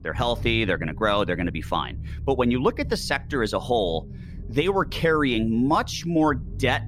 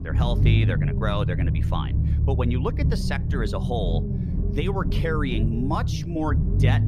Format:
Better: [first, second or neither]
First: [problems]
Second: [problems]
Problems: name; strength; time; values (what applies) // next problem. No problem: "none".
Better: first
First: low rumble; faint; throughout; 25 dB below the speech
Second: low rumble; loud; throughout; 6 dB below the speech